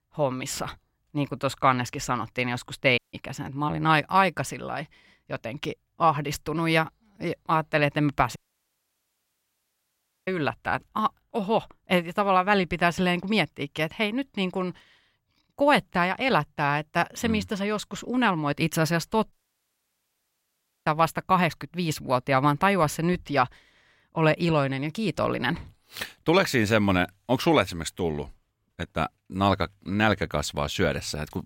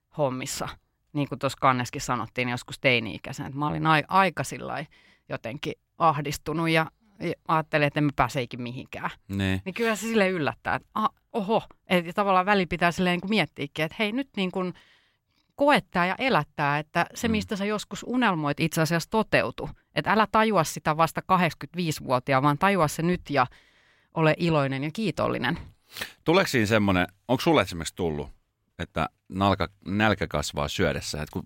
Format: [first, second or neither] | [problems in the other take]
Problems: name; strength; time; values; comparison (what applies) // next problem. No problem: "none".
second | audio cutting out; at 3 s, at 8.5 s for 2 s and at 19 s for 1.5 s